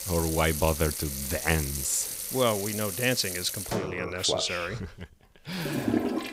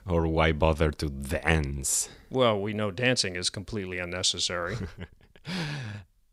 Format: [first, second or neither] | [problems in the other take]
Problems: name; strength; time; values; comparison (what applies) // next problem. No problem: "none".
second | household noises; loud; throughout; 3 dB below the speech